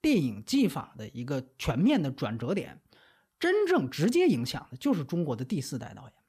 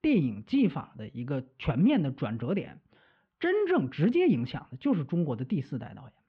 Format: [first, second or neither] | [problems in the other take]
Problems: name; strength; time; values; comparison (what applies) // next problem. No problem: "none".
first | muffled; very; fading above 3 kHz